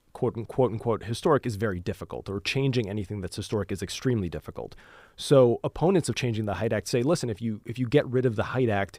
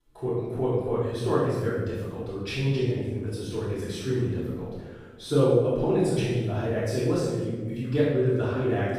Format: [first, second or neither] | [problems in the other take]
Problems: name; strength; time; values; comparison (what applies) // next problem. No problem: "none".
first | room echo; strong; dies away in 1.2 s // off-mic speech; far